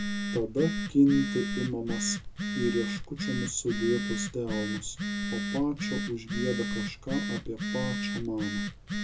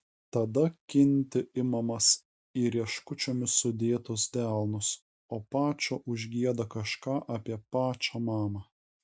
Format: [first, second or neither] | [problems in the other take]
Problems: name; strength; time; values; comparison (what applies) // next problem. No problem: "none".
second | background sound (Telephone); 2 dB below the speech // room echo; dies away in 0.2 s